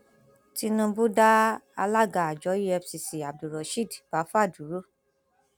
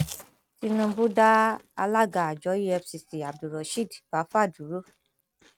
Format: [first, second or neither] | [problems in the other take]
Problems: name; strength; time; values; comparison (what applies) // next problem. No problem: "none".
first | noise reduction (neural mask model RNNoise)